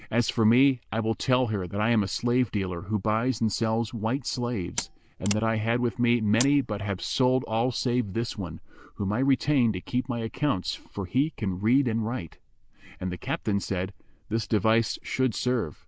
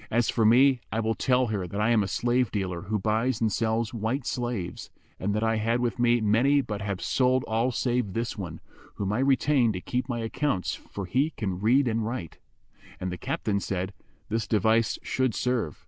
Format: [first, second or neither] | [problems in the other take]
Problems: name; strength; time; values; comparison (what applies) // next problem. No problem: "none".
second | background sound (Mechanisms); 12 dB below the speech